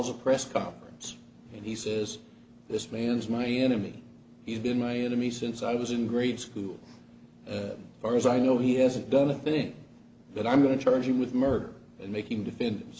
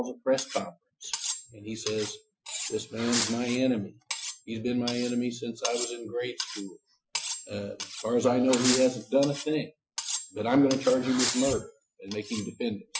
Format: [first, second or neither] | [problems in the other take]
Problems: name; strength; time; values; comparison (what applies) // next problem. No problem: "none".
first | noise reduction (classical method Wiener filter)